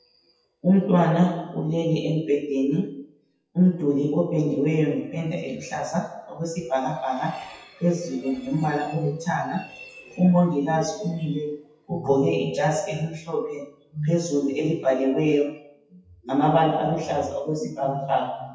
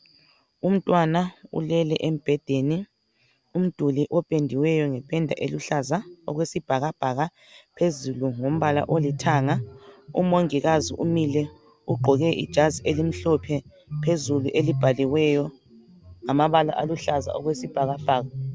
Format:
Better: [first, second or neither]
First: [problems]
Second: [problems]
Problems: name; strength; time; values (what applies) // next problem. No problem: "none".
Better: second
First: noise reduction (classical method WPE with log-MMSE)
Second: none